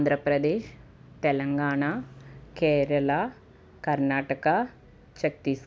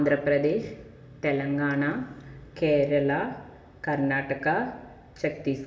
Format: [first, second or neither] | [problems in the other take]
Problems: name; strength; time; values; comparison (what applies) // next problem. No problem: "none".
first | room echo; dies away in 1.5 s